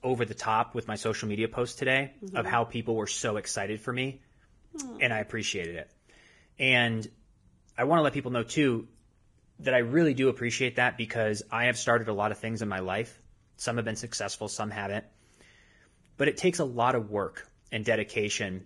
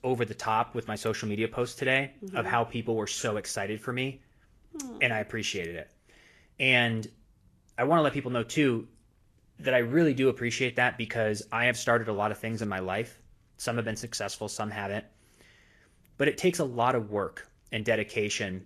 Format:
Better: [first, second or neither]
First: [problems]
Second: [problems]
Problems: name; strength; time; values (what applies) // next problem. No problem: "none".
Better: second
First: garbled, watery; badly; nothing above 10.5 kHz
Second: garbled, watery; slightly; nothing above 12 kHz